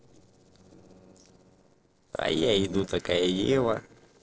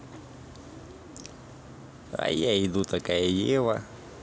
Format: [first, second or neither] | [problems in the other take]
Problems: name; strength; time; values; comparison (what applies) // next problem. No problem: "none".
second | noise reduction (neural separator model SepFormer DNS4)